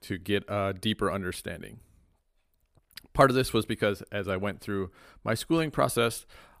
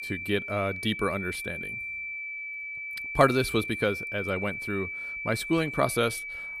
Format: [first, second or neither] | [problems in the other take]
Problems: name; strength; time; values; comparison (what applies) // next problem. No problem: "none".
first | high-pitched whine; loud; throughout; 2.5 kHz, 6 dB below the speech